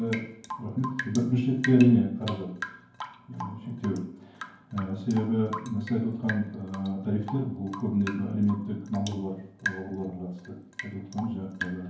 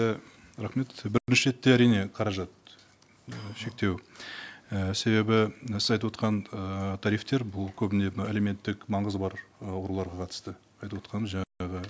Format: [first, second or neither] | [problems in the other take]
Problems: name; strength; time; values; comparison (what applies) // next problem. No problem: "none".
second | background sound (Drip / Rain); 12 dB below the speech // room echo; dies away in 0.9 s